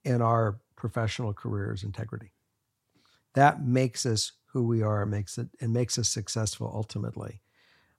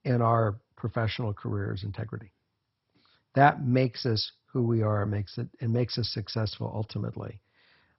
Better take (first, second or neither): first